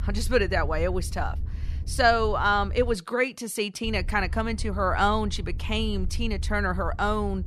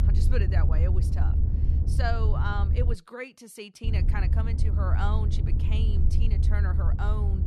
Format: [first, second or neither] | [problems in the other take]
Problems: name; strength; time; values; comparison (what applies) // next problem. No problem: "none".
first | low rumble; loud; until 3 s and from 4 s on; 5 dB below the speech; faint in the first